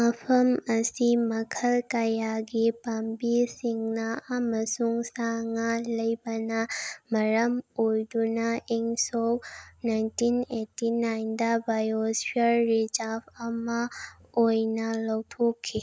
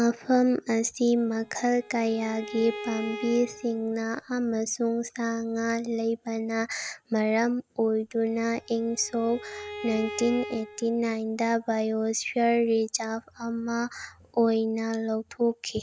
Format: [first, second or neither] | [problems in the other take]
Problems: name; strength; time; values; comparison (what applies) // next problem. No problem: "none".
first | background sound (Bowed string instrument); 14 dB below the speech